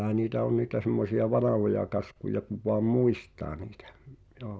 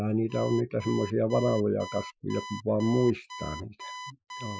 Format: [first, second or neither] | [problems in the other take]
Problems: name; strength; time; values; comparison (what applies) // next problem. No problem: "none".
first | noise reduction (classical method Wiener filter)